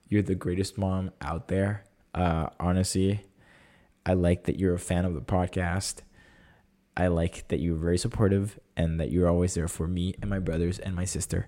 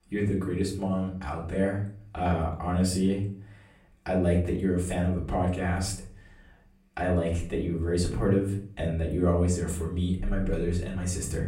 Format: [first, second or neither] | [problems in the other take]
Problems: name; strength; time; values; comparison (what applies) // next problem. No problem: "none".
first | off-mic speech; far // room echo; slight; dies away in 0.4 s